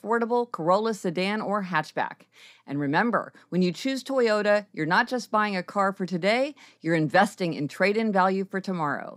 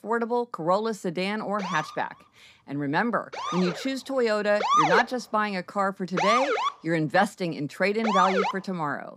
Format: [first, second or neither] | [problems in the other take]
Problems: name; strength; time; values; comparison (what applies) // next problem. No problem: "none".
first | siren; loud; from 1.5 to 8.5 s; peak 6 dB above the speech